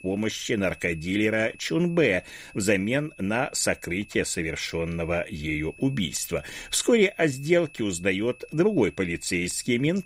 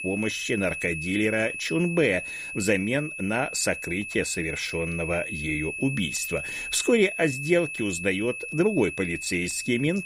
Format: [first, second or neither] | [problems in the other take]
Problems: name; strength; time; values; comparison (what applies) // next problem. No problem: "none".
first | high-pitched whine; loud; throughout; 2.5 kHz, 6 dB below the speech; faint in the first